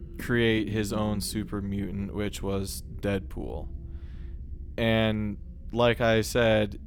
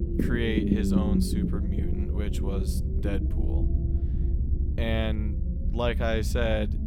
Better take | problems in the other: first | low rumble; loud; throughout; 5 dB below the speech; faint in the first

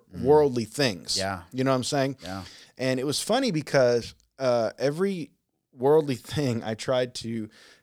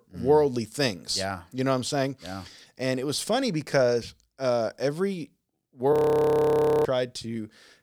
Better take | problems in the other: first | audio freezing; at 6 s for 1 s

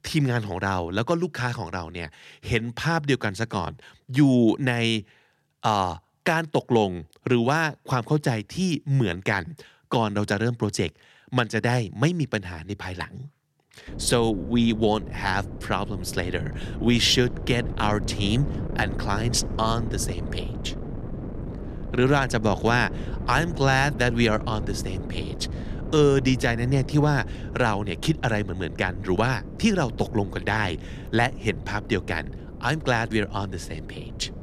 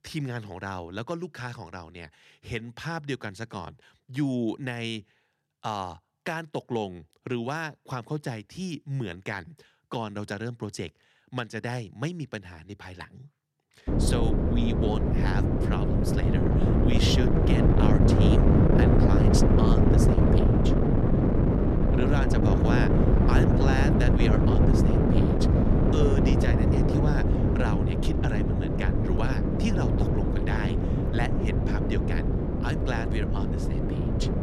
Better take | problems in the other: first | wind noise on the microphone; heavy; from 14 s on; 5 dB above the speech; occasional gusts in the first

